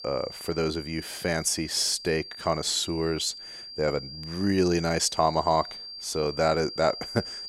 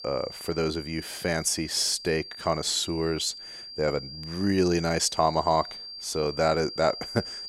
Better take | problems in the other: neither | high-pitched whine; noticeable; throughout; 4.5 kHz, 10 dB below the speech; the same in both

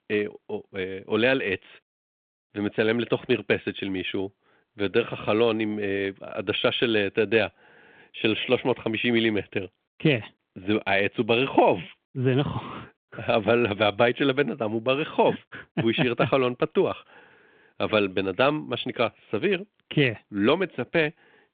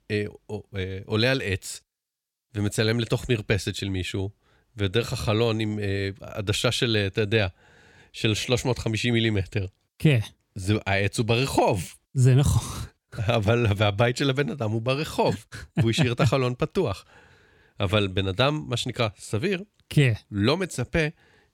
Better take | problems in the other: second | phone-call audio

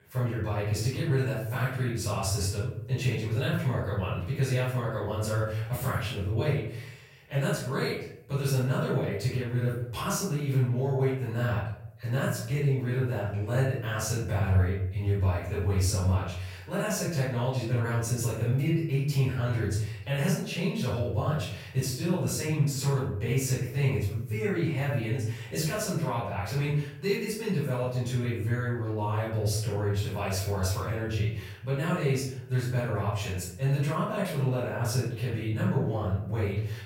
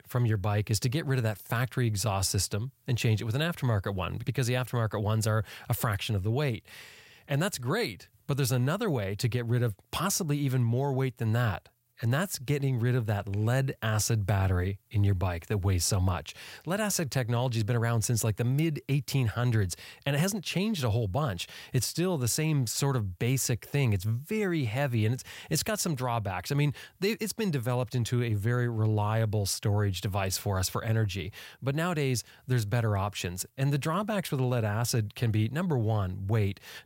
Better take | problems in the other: second | off-mic speech; far // room echo; noticeable; dies away in 0.6 s

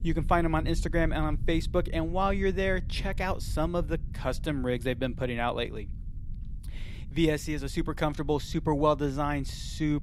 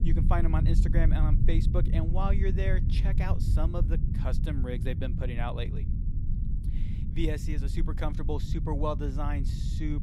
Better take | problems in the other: first | low rumble; loud; throughout; 7 dB below the speech; faint in the first

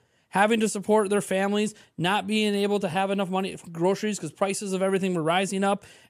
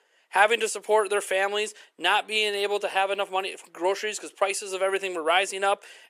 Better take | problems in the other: first | thin; very; fading below 400 Hz

